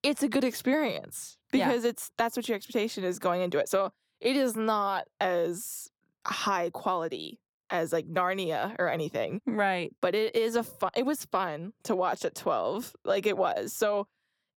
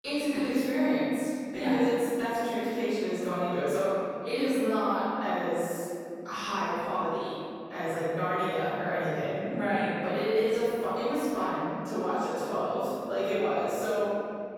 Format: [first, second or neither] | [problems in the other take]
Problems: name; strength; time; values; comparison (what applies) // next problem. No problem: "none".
first | off-mic speech; far // room echo; strong; dies away in 2.7 s